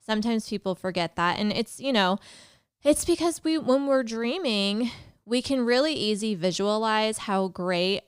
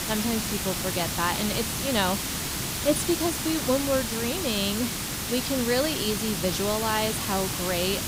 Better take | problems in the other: first | hiss; loud; throughout; 1 dB below the speech

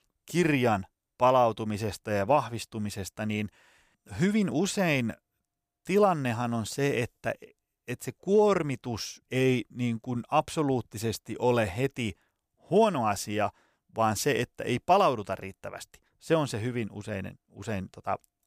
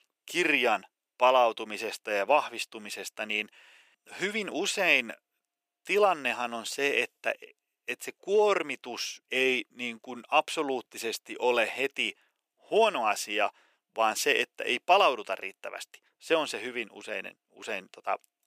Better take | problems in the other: first | thin; somewhat; fading below 350 Hz

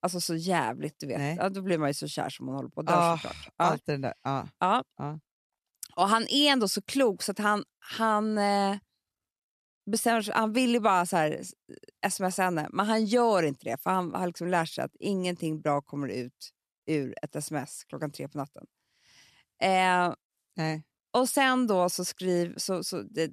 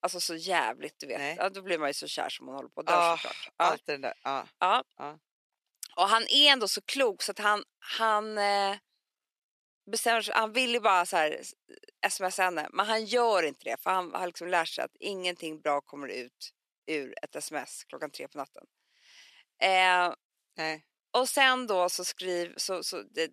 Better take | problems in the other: first | thin; somewhat; fading below 450 Hz

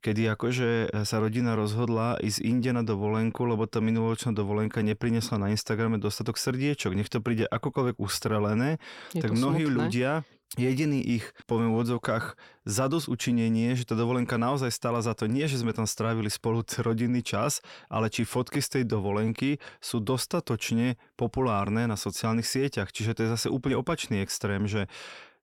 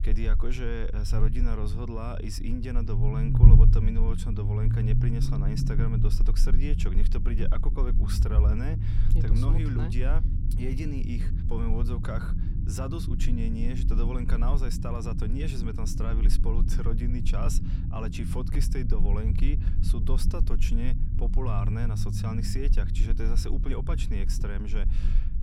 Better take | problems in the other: first | low rumble; loud; throughout; 4 dB below the speech

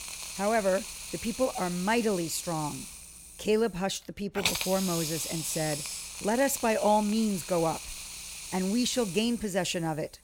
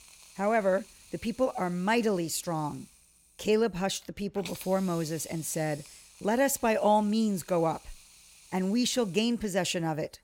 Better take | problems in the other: second | hiss; loud; throughout; 7 dB below the speech; faint in the second

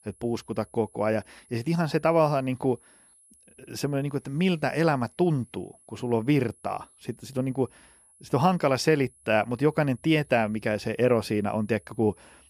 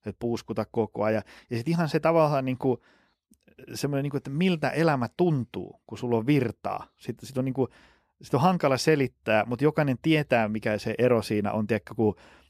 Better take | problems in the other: second | high-pitched whine; faint; throughout; 10.5 kHz, 30 dB below the speech

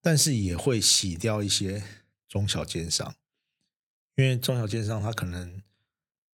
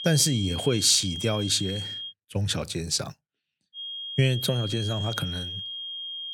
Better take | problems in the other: first | high-pitched whine; loud; until 2 s and from 4 s on; 3.5 kHz, 7 dB below the speech

